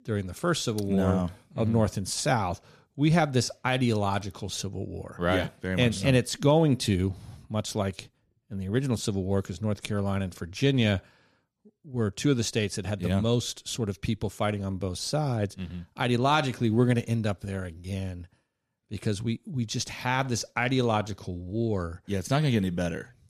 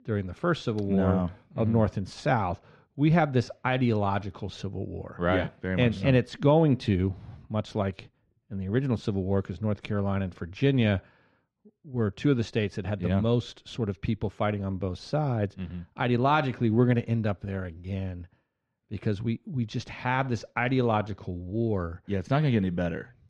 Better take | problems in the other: first | muffled; slightly; fading above 2.5 kHz

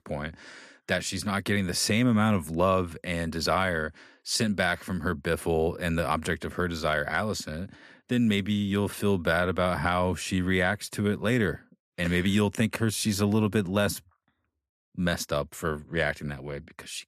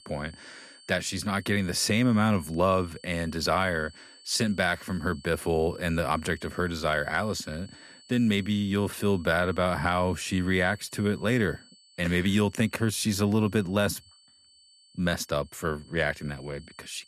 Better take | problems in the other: first | high-pitched whine; faint; throughout; 4.5 kHz, 25 dB below the speech

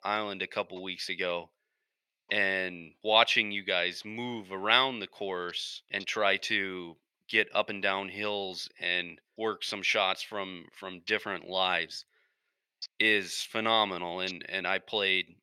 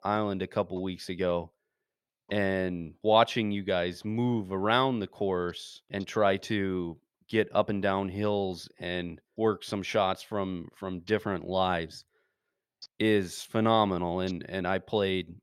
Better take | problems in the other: second | thin; somewhat; fading below 600 Hz

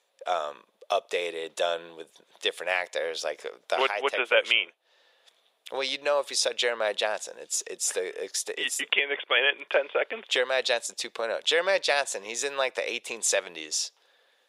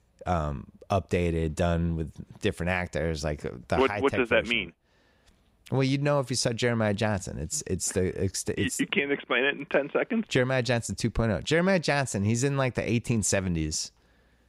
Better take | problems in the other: second | thin; very; fading below 500 Hz

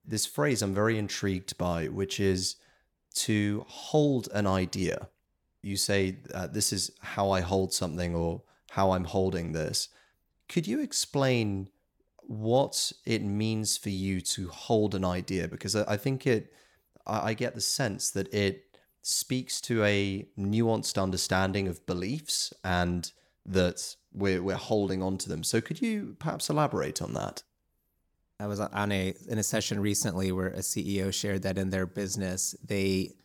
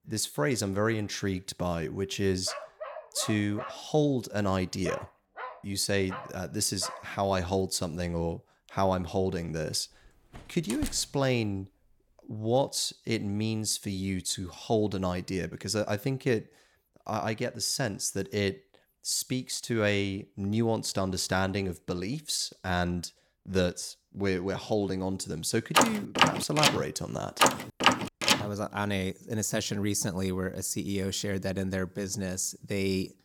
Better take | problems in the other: first | dog barking; noticeable; from 2.5 to 7 s; peak 10 dB below the speech // door banging; noticeable; at 10 s; peak 8 dB below the speech // door banging; loud; from 26 to 28 s; peak 6 dB above the speech

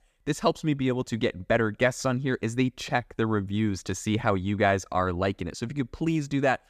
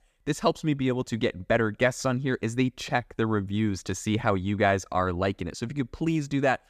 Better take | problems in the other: neither | none

